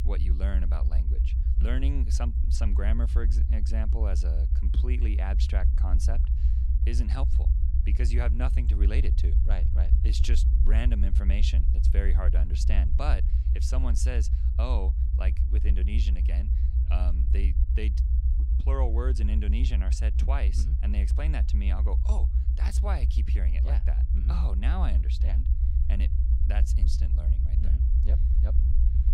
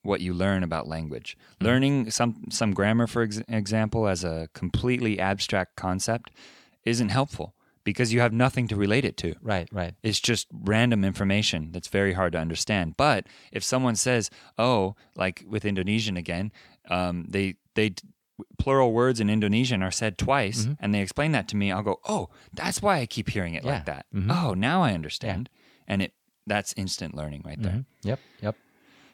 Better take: second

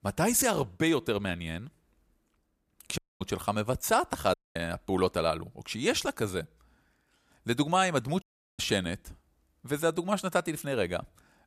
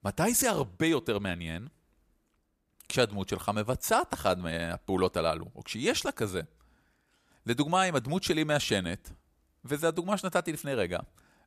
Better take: second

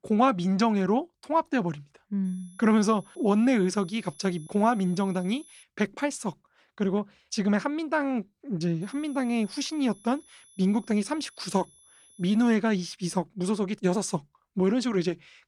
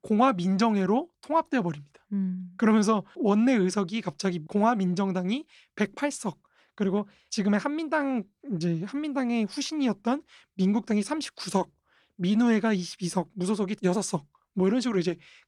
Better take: second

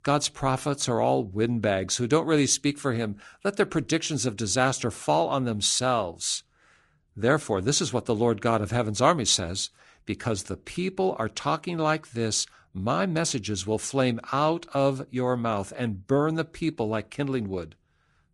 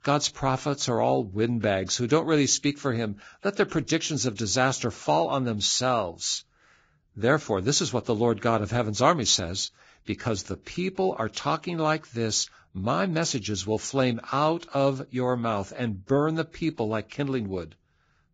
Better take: first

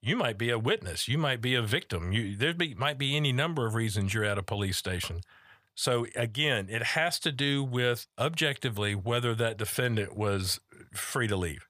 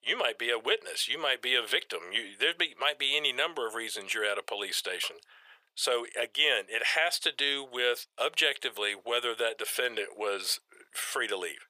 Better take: first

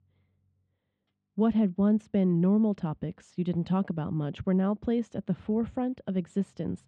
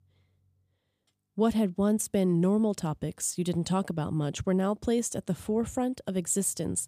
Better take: second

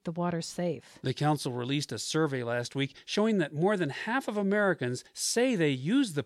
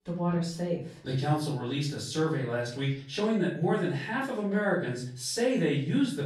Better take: first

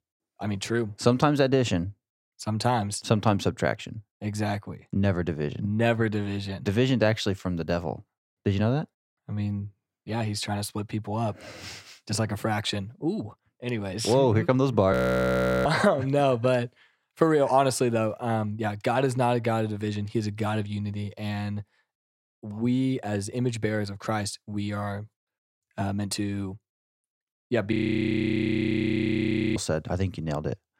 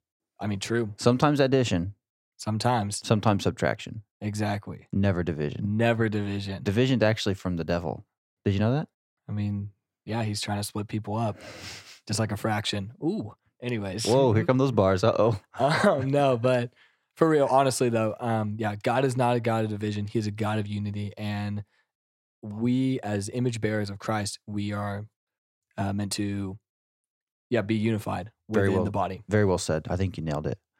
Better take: second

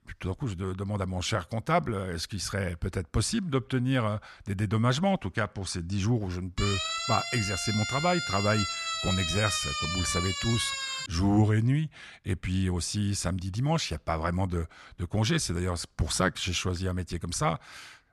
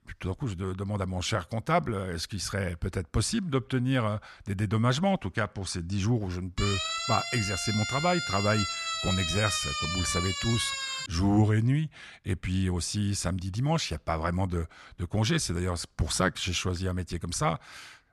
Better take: neither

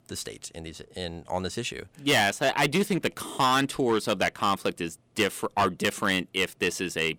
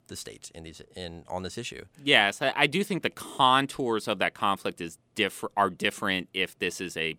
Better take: second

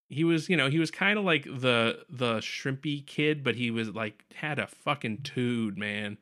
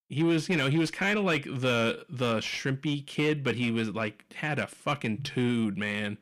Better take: first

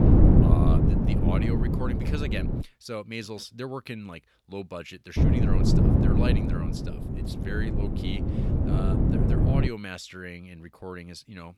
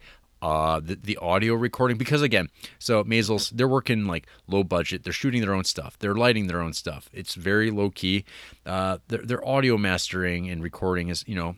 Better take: second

